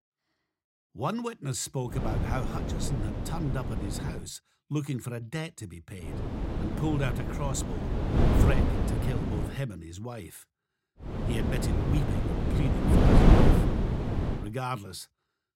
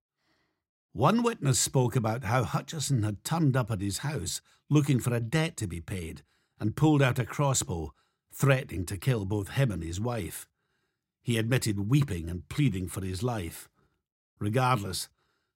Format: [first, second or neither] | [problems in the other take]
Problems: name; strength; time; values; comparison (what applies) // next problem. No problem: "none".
second | wind noise on the microphone; heavy; from 2 to 4 s, from 6 to 9.5 s and from 11 to 14 s; 4 dB above the speech